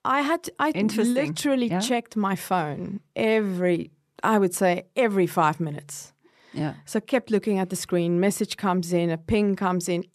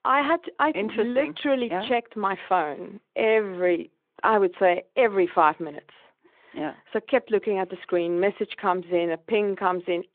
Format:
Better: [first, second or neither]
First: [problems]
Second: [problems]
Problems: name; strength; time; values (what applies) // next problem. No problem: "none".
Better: first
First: none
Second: phone-call audio